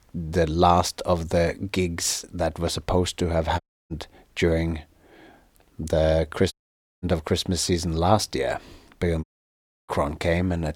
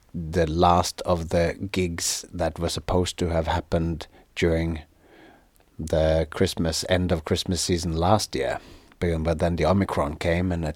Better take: second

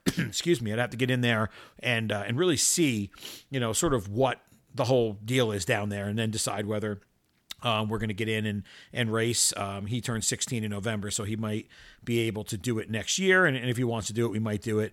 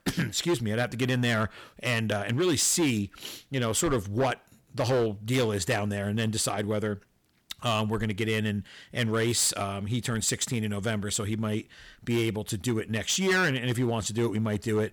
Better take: first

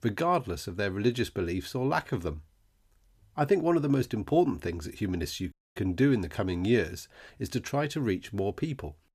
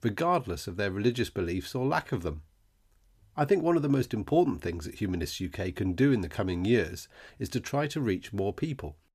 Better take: second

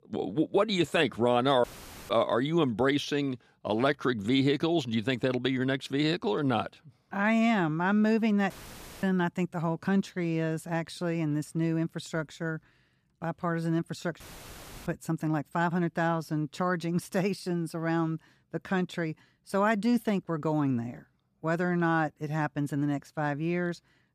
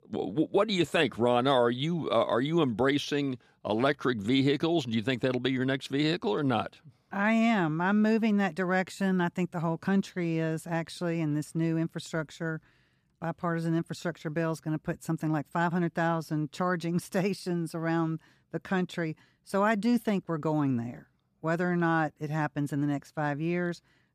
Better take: second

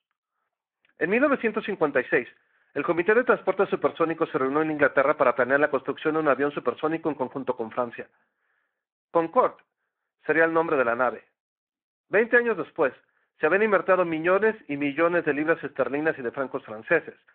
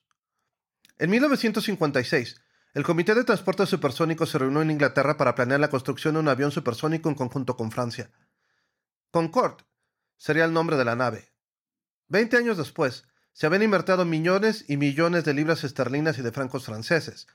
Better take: second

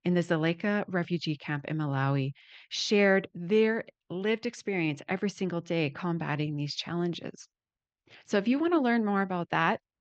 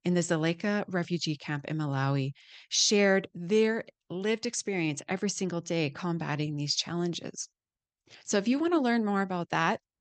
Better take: second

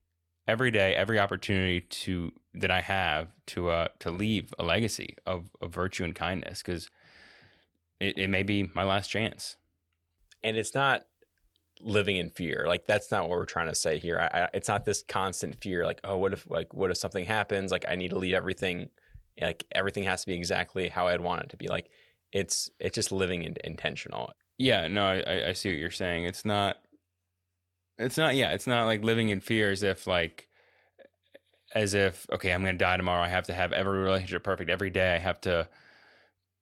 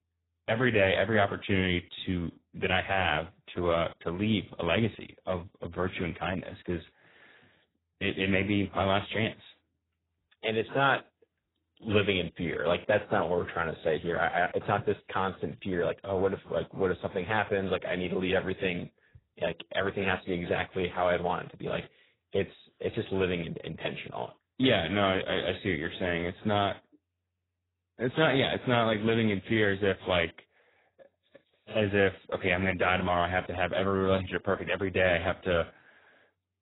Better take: first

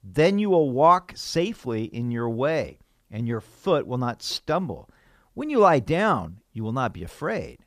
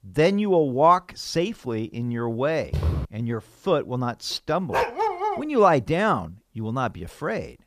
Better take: first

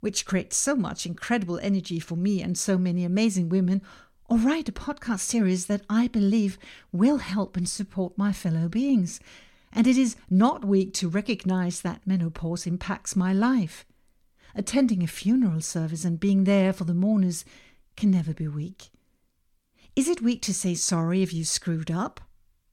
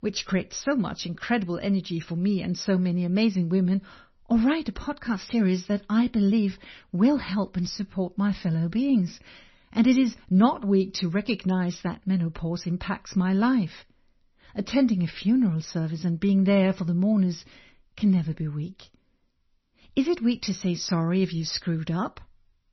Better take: first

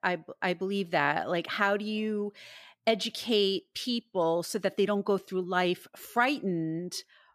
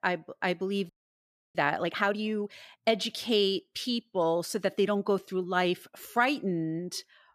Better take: first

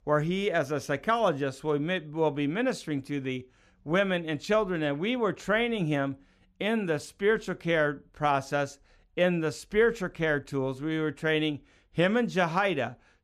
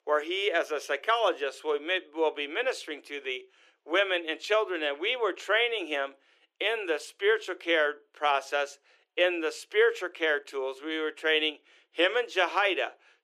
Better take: first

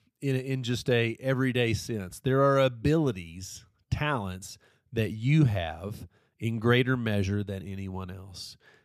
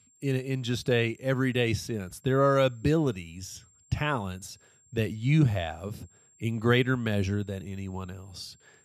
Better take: first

